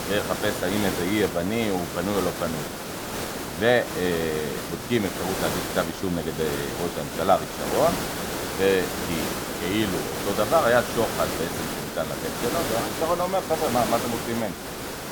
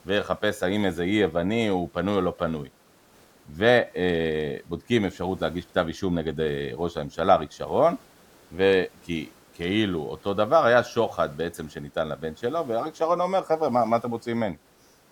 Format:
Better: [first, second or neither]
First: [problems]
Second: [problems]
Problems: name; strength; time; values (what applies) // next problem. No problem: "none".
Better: second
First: hiss; loud; throughout; 3 dB below the speech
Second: hiss; faint; throughout; 30 dB below the speech